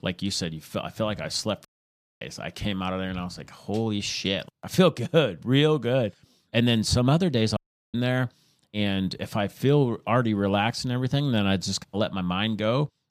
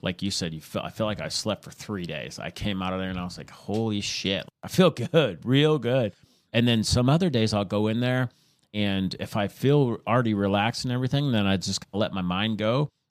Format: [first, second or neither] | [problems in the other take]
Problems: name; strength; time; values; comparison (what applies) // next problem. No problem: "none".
second | audio cutting out; at 1.5 s for 0.5 s and at 7.5 s